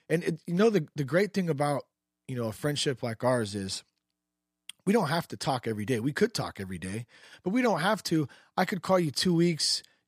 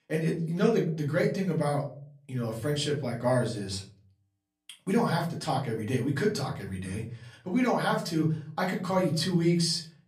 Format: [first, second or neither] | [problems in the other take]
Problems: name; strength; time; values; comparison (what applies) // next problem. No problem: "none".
first | off-mic speech; far // room echo; slight; dies away in 0.4 s